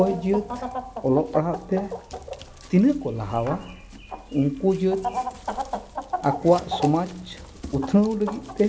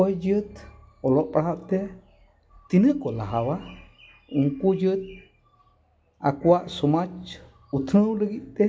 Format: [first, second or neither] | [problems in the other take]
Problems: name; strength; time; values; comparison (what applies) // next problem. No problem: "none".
second | background sound (Chicken, rooster); 9 dB below the speech